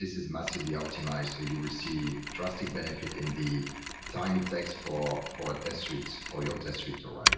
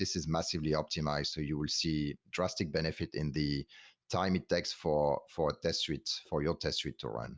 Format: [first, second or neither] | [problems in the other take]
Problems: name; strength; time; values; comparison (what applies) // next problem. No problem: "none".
second | background sound (Mechanisms); 3 dB below the speech // room echo; dies away in 0.9 s